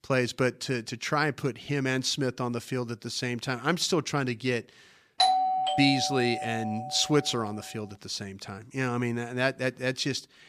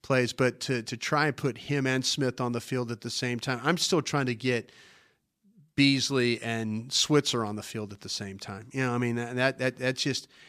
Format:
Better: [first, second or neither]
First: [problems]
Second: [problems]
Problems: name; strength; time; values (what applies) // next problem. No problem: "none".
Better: second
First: doorbell; loud; from 5 to 7 s; peak 6 dB above the speech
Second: none